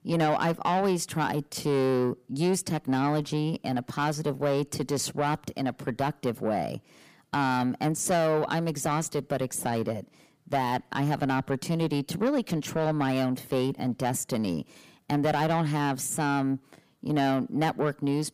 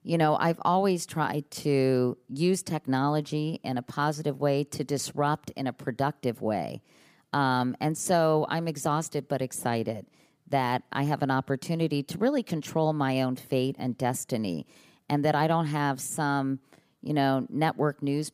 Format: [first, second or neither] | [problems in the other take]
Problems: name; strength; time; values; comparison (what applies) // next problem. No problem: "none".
second | distortion; slight; 10 dB below the speech